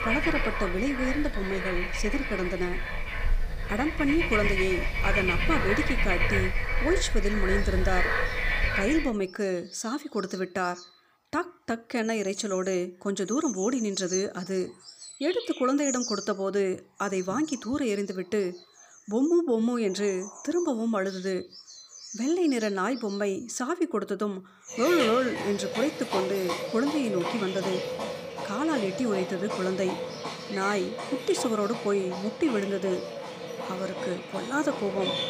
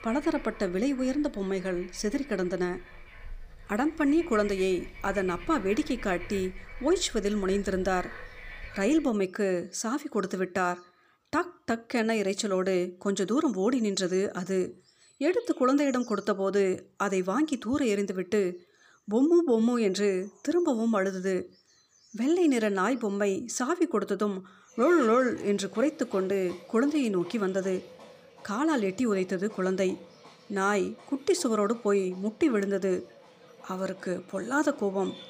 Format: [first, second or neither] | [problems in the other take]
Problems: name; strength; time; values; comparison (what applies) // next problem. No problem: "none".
second | animal sounds; loud; throughout; 3 dB below the speech; faint in the second